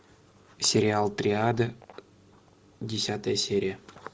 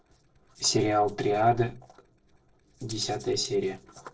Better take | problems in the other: first | noise reduction (neural separator model SepFormer DNS4)

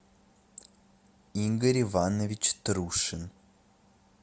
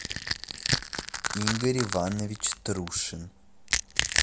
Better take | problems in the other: first | background sound (Crack / Crushing); as loud as the speech

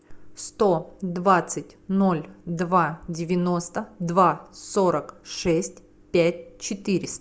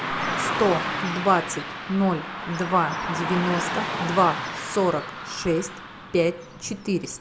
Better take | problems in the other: first | background sound (Car passing by / Traffic noise, roadway noise); 5 dB below the speech

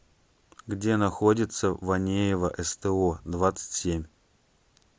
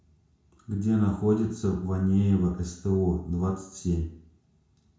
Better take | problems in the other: first | room echo; dies away in 0.6 s

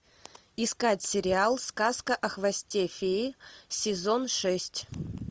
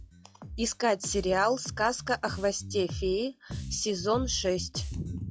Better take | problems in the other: first | noise reduction (classical method log-MMSE)

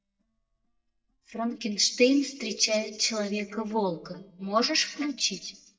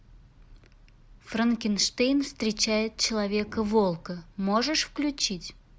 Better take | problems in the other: second | noise reduction (neural mask model DeepFilterNet 3)

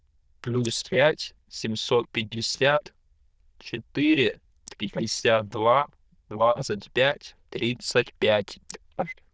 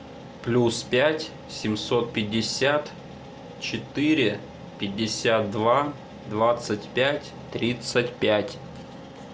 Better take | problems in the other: second | noise reduction (neural diffusion model UNIVERSE++)

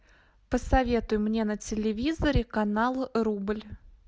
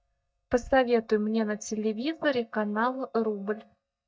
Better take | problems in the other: first | noise reduction (neural mask model DeepFilterNet 3)

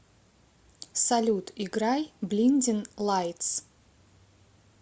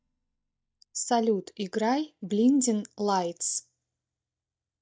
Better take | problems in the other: first | noise reduction (neural mask model DeepFilterNet 3)

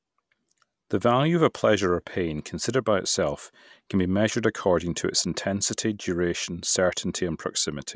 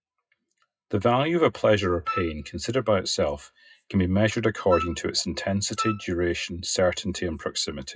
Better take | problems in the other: first | noise reduction (classical method WPE with log-MMSE)

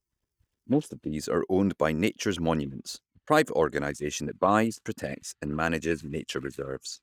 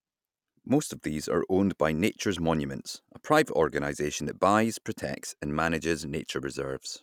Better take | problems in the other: second | noise reduction (neural mask model DeepFilterNet 3)

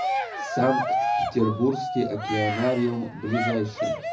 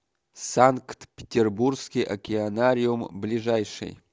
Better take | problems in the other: second | background sound (Cheering); 2 dB below the speech // room echo; dies away in 0.4 s

